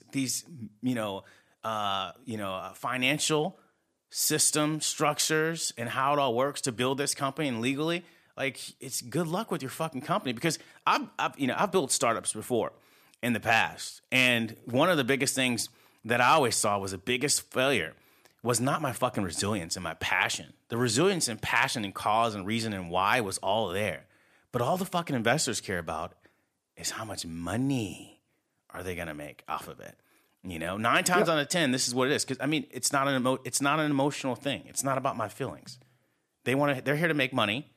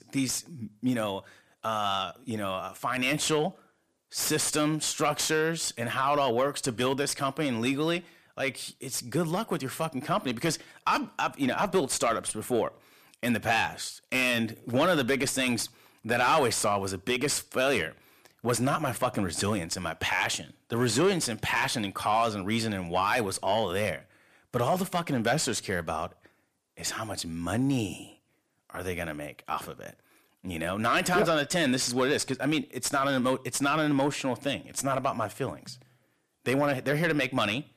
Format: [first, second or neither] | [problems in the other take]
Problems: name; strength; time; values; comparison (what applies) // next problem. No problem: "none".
first | distortion; slight; 10 dB below the speech